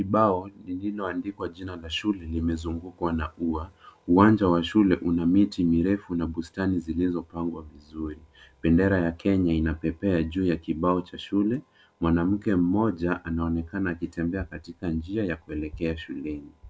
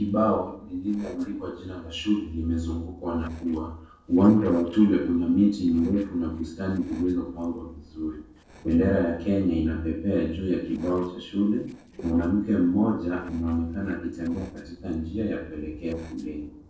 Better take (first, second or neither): first